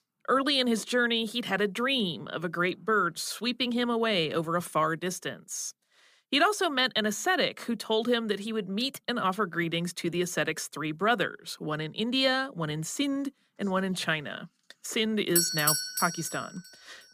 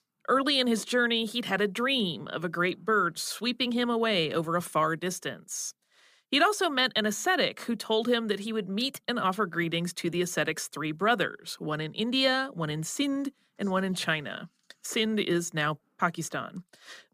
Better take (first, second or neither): second